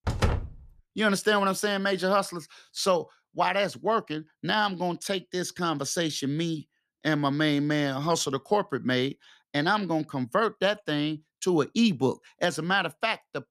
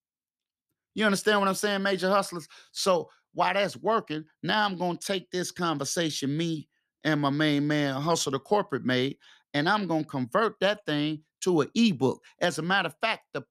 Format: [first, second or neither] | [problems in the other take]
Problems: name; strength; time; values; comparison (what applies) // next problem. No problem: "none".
second | door banging; noticeable; at the start; peak 1 dB below the speech